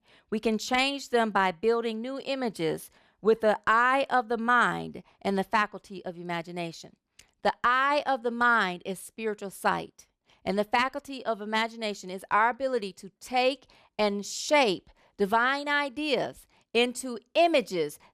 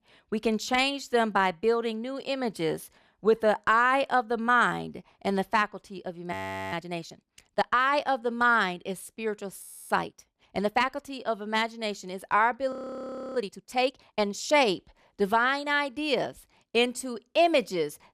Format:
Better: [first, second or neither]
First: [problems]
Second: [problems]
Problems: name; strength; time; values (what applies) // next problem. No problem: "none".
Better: first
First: none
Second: audio freezing; at 6.5 s, at 9.5 s and at 13 s for 0.5 s